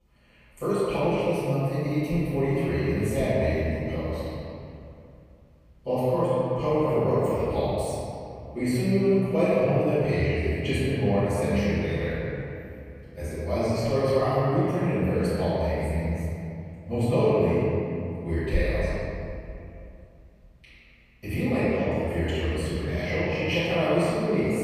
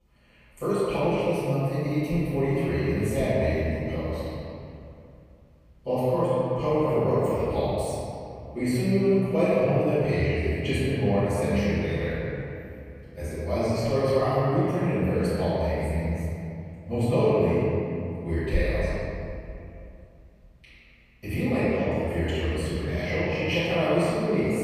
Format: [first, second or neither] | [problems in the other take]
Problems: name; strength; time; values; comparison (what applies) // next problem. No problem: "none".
neither | off-mic speech; far; the same in both // room echo; strong; dies away in 2.6 s; the same in both